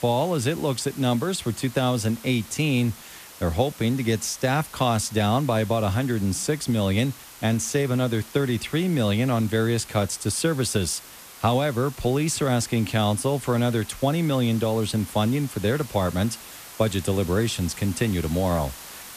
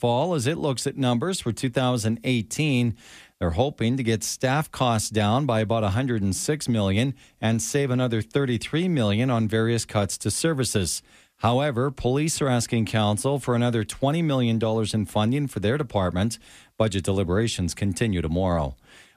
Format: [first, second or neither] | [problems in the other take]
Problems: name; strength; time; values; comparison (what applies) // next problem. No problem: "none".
second | hiss; noticeable; throughout; 15 dB below the speech